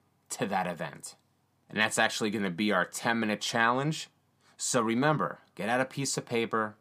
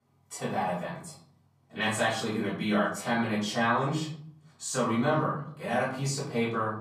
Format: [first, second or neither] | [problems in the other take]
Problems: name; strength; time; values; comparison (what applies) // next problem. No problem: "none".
first | off-mic speech; far // room echo; noticeable; dies away in 0.6 s